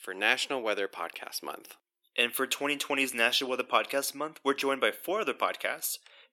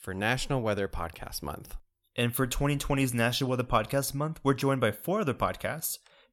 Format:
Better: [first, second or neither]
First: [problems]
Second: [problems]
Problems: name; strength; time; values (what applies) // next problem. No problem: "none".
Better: second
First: thin; somewhat; fading below 300 Hz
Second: none